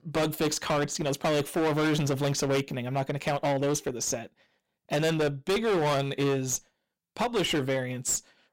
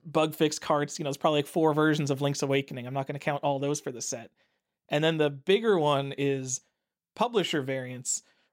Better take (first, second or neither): second